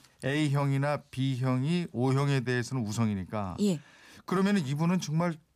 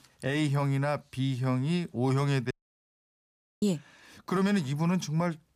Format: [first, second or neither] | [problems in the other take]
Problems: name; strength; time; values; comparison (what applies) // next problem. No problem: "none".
first | audio cutting out; at 2.5 s for 1 s